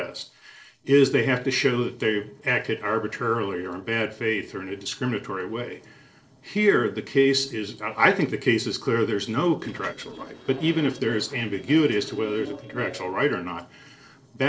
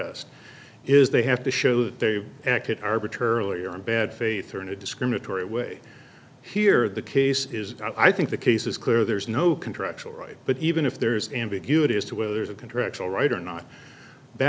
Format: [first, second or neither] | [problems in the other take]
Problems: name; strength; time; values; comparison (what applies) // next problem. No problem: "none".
second | noise reduction (neural separator model SepFormer DNS4)